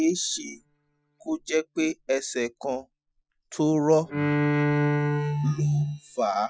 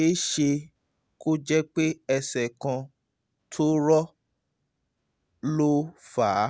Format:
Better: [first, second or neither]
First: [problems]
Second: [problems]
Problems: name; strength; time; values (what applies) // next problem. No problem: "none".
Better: second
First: noise reduction (classical method Wiener filter)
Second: none